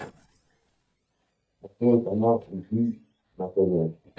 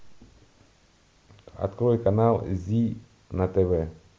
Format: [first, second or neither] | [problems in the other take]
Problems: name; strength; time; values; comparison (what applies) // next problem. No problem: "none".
second | noise reduction (neural mask model DeepFilterNet 3)